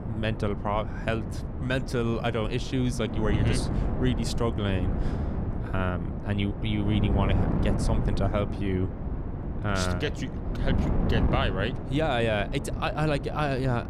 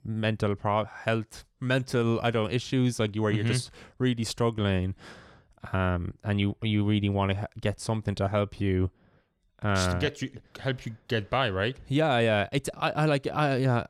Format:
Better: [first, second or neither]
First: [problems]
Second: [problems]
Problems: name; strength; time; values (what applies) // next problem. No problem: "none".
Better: second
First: wind noise on the microphone; heavy; 8 dB below the speech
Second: none